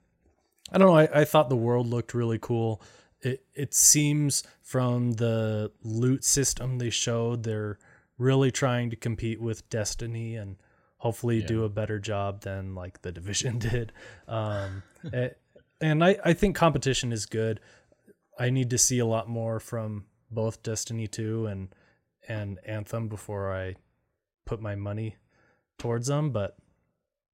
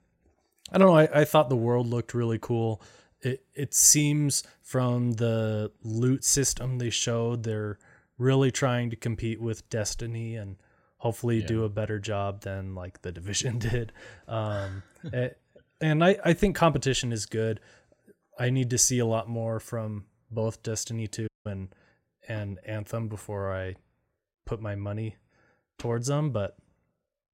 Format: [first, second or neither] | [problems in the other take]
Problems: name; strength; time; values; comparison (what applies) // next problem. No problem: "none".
first | audio cutting out; at 21 s